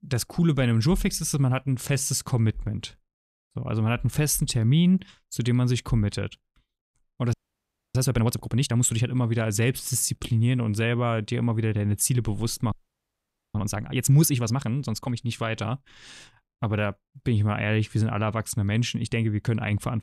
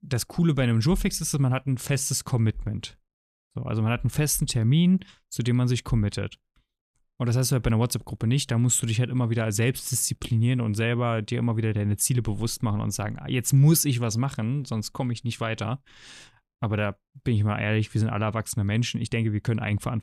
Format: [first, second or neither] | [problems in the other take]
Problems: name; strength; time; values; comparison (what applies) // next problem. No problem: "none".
second | audio freezing; at 7.5 s for 0.5 s and at 13 s for 1 s